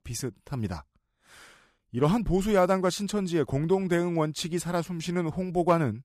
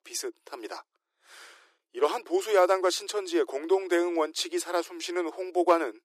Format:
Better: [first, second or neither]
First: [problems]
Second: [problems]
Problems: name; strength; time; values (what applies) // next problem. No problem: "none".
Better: first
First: none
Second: thin; very; fading below 350 Hz